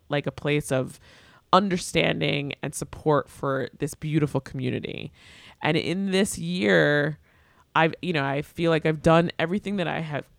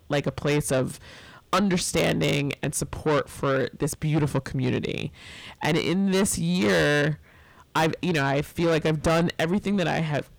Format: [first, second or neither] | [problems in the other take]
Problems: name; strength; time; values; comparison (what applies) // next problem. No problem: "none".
first | distortion; heavy; 6 dB below the speech